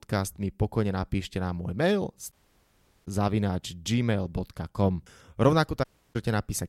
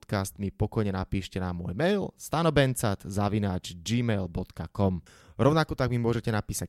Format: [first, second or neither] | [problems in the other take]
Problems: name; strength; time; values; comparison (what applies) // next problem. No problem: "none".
second | audio cutting out; at 2.5 s for 0.5 s and at 6 s